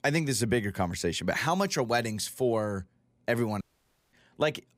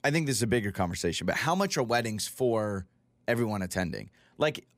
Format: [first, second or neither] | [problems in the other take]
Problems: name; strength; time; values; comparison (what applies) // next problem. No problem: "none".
second | audio cutting out; at 3.5 s for 0.5 s